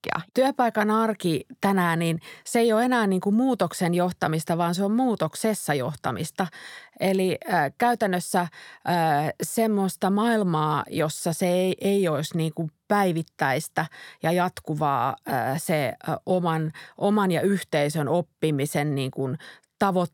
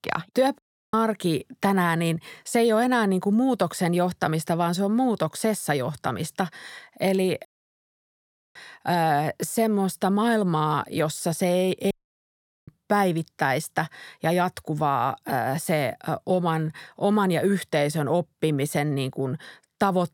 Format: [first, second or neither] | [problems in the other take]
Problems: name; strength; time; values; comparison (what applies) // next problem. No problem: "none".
first | audio cutting out; at 0.5 s, at 7.5 s for 1 s and at 12 s for 1 s